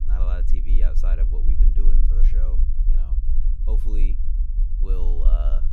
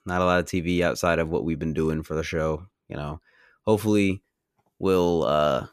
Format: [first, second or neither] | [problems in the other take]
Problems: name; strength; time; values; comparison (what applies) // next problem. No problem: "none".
second | low rumble; loud; throughout; 5 dB below the speech